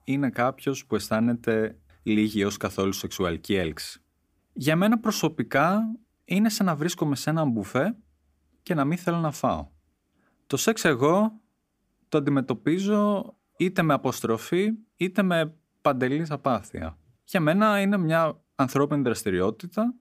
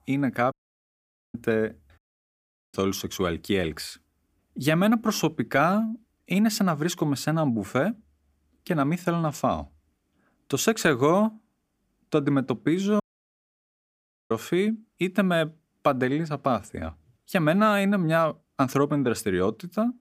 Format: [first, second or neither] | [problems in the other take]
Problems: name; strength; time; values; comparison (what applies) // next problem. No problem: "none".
first | audio cutting out; at 0.5 s for 1 s, at 2 s for 1 s and at 13 s for 1.5 s